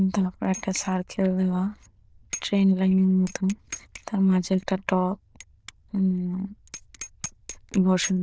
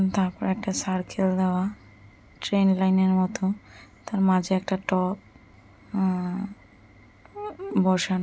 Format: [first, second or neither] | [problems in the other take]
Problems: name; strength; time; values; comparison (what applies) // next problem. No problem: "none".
second | noise reduction (neural diffusion model UNIVERSE++)